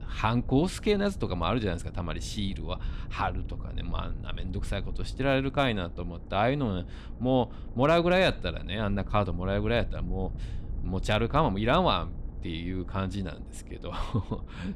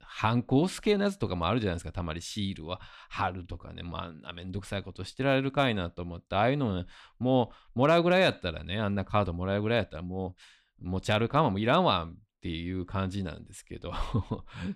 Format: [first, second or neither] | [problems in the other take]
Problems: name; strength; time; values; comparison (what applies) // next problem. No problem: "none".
second | low rumble; faint; throughout; 25 dB below the speech